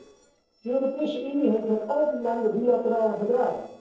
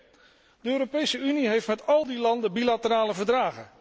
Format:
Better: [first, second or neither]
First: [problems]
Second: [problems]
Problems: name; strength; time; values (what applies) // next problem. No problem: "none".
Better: second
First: noise reduction (neural separator model SepFormer DNS4)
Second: none